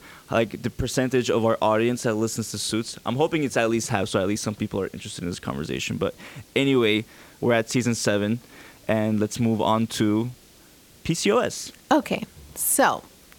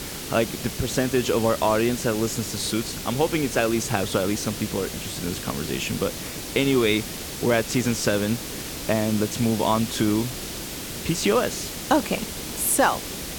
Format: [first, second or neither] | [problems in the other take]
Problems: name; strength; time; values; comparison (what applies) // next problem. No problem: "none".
first | hiss; loud; throughout; 7 dB below the speech; faint in the first